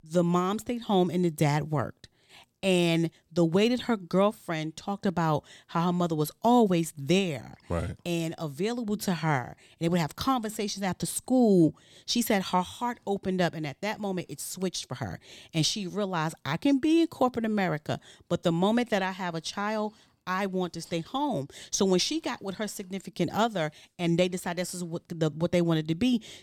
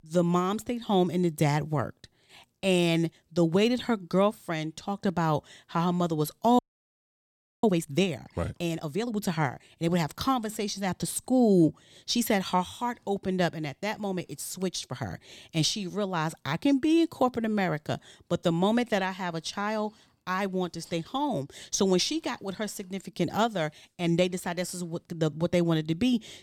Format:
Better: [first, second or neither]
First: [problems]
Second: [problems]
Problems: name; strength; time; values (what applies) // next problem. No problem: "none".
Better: first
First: none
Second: audio freezing; at 6.5 s for 1 s